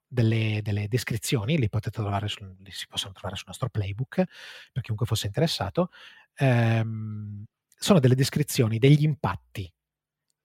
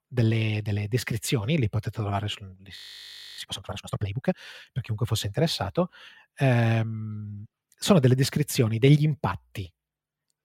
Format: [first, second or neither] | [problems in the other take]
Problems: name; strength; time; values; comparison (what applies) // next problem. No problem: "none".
first | audio freezing; at 3 s for 0.5 s